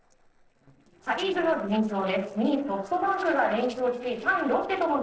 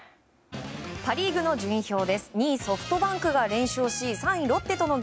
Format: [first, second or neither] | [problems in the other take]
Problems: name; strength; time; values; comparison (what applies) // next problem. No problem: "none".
second | noise reduction (neural separator model SepFormer DNS4)